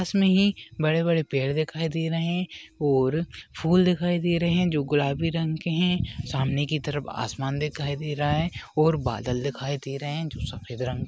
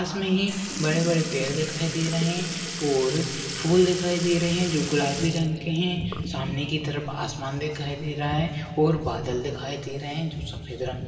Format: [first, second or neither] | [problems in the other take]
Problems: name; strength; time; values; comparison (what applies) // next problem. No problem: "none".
first | background sound (Sink (filling or washing) / Liquid); 11 dB below the speech // room echo; dies away in 2.4 s